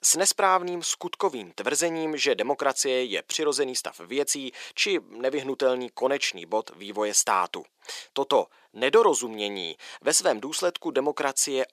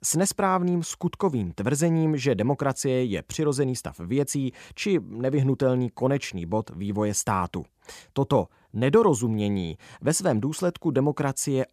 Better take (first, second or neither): second